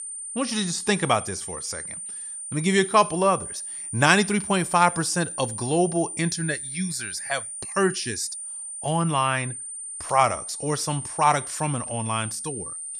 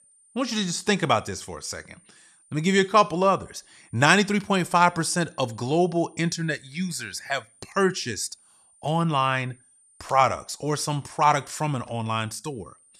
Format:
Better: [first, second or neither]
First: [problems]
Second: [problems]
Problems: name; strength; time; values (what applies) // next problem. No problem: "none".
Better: second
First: high-pitched whine; loud; throughout; 9 kHz, 8 dB below the speech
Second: high-pitched whine; faint; throughout; 9 kHz, 30 dB below the speech